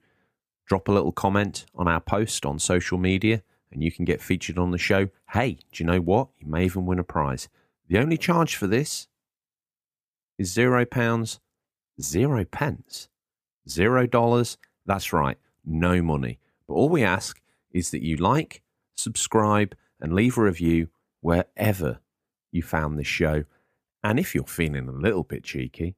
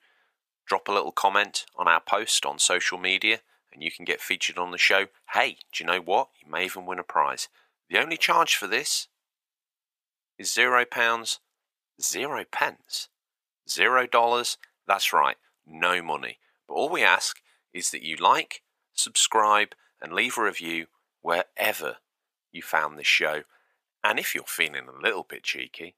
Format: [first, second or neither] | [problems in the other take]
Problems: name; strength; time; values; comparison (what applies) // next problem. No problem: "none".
first | thin; very; fading below 850 Hz